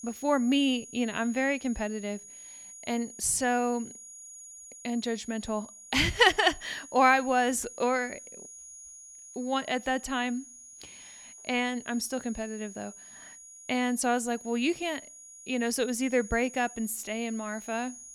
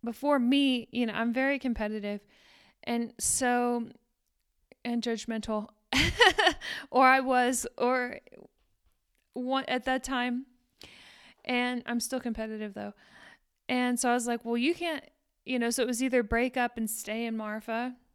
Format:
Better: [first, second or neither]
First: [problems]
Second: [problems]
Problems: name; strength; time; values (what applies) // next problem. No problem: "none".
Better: second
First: high-pitched whine; noticeable; throughout; 6.5 kHz, 15 dB below the speech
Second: none